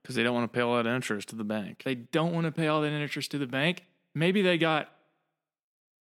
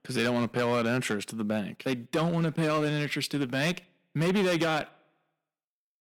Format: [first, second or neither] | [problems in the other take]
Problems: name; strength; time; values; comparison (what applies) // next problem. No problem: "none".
first | distortion; heavy; 7% of the sound clipped